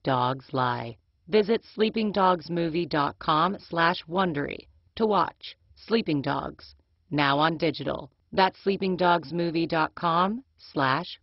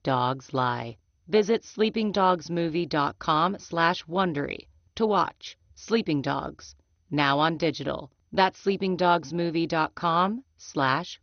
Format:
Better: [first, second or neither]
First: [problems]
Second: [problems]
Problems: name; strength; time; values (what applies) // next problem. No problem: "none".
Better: second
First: garbled, watery; badly; nothing above 5.5 kHz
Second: garbled, watery; slightly; nothing above 6.5 kHz